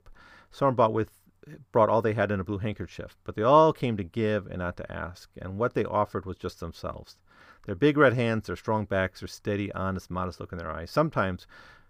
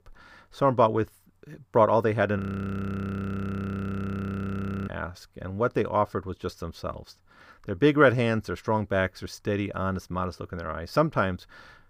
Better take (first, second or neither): first